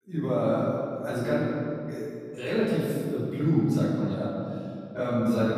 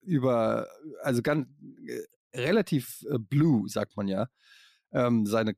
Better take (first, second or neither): second